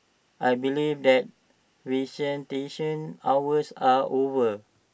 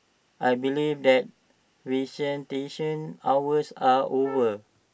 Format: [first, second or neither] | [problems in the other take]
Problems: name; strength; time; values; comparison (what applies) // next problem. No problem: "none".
first | background sound (Wind instrument, woodwind instrument); 17 dB below the speech